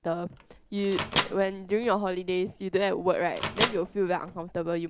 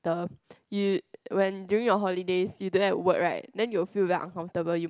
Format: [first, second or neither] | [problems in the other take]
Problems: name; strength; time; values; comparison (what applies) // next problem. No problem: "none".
second | background sound (Microwave oven); 7 dB below the speech